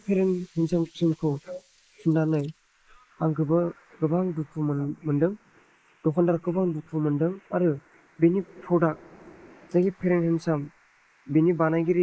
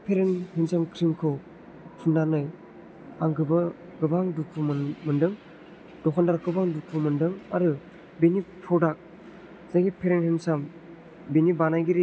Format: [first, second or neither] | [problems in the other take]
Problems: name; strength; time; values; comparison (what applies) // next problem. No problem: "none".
second | noise reduction (neural mask model Resemble Enhance denoiser)